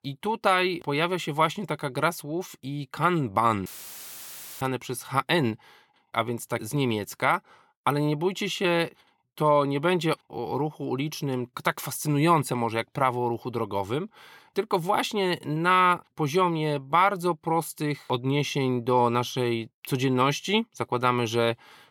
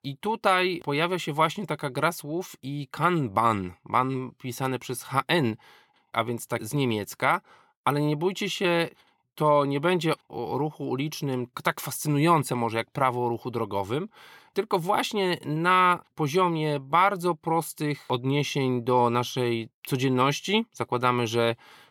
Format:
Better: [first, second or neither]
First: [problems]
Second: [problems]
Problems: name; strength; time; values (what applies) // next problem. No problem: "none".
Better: second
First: audio cutting out; filled with static; at 3.5 s for 1 s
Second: none